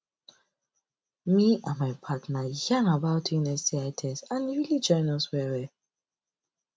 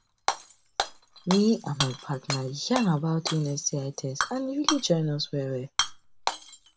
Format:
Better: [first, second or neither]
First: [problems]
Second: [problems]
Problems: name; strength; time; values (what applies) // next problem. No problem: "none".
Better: first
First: none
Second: background sound (Shatter / Hammer); 5 dB below the speech